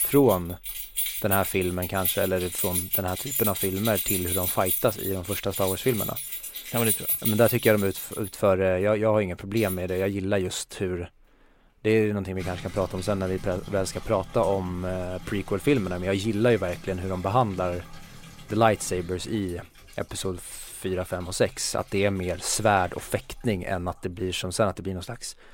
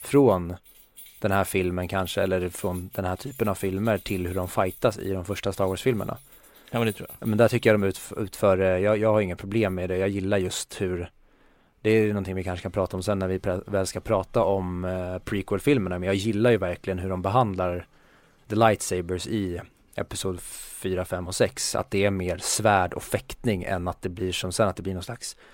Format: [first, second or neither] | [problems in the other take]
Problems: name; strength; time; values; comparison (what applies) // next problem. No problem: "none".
second | household noises; loud; throughout; 2 dB below the speech; faint in the second